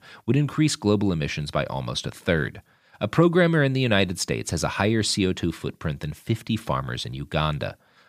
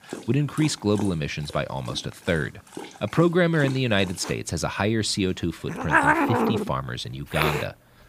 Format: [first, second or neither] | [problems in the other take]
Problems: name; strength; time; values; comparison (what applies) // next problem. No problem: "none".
first | animal sounds; loud; throughout; 1 dB below the speech